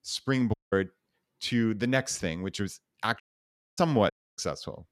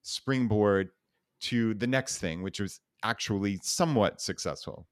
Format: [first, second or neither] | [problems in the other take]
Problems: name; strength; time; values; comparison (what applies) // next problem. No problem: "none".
second | audio cutting out; at 0.5 s, at 3 s for 0.5 s and at 4 s